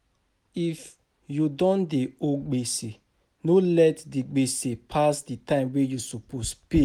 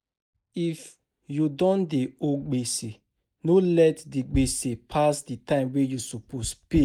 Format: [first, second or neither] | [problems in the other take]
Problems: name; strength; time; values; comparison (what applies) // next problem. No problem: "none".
first | noise reduction (neural mask model DeepFilterNet 3)